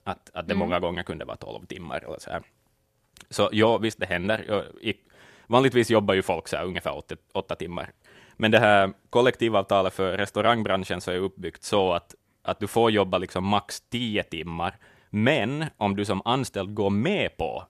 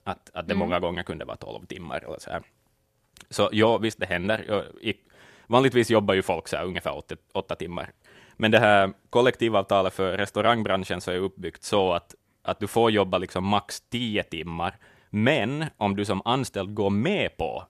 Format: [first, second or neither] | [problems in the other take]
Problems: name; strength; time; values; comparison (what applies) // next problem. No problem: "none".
neither | none